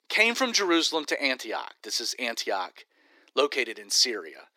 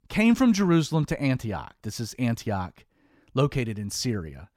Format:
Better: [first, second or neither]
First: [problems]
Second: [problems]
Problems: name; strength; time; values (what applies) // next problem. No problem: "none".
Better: second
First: thin; very; fading below 350 Hz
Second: none